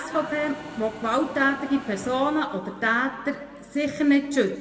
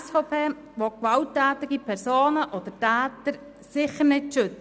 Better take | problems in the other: second | background sound (Mechanisms); 16 dB below the speech // room echo; dies away in 1.7 s

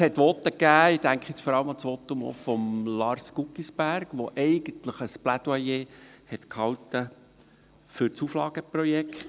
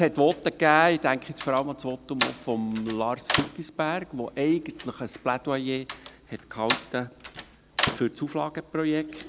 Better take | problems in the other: first | background sound (Slam); 9 dB below the speech

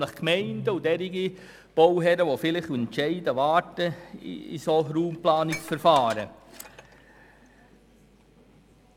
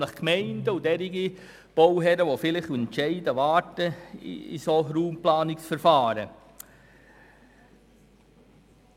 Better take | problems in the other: second | background sound (Dishes, pots, and pans); 18 dB below the speech

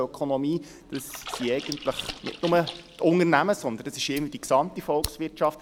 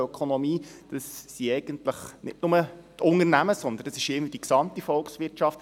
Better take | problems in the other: second | background sound (Fire + Splash, splatter); 15 dB below the speech

